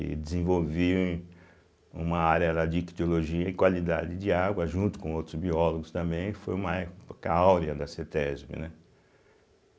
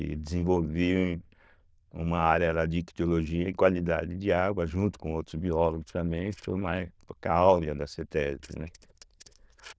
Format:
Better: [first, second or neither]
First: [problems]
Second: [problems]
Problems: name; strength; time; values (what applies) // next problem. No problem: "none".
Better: first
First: none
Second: noise reduction (neural diffusion model UNIVERSE++)